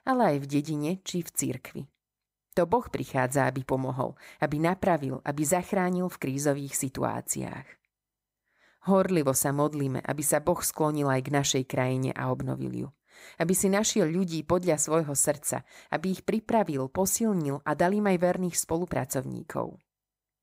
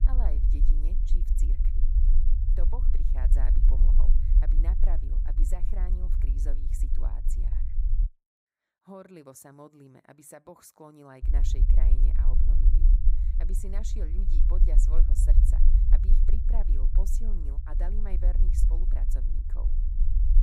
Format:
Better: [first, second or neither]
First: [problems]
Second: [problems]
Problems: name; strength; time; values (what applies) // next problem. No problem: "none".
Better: first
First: none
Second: low rumble; loud; until 8 s and from 11 s on; 2 dB below the speech